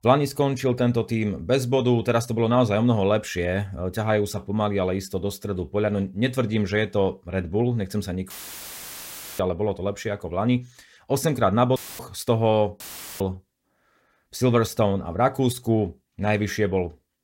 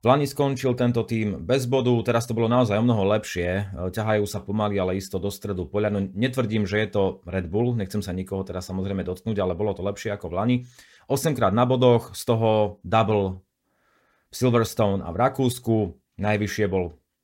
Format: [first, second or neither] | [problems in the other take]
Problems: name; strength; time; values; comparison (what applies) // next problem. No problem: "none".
second | audio cutting out; filled with static; at 8.5 s for 1 s, at 12 s and at 13 s